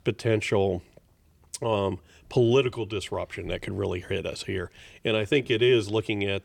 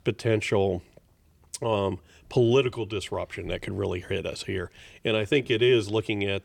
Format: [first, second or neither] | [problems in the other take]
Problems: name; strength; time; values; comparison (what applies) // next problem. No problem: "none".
neither | none